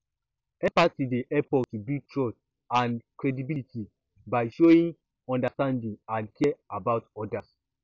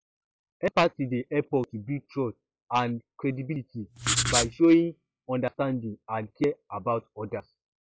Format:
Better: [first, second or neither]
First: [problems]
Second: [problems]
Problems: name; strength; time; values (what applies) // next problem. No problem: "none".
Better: first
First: none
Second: noise reduction (classical method log-MMSE)